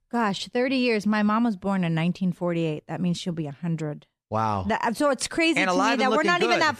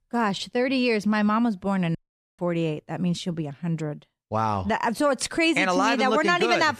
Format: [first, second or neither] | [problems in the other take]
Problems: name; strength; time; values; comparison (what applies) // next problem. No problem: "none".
first | audio cutting out; at 2 s